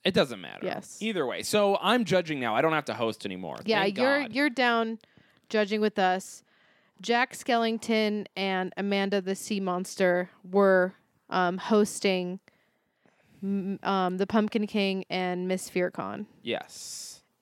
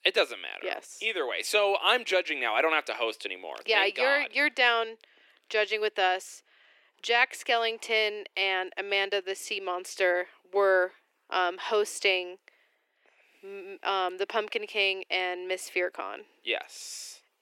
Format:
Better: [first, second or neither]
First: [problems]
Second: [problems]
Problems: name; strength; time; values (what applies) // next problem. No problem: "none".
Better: first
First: none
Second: thin; very; fading below 350 Hz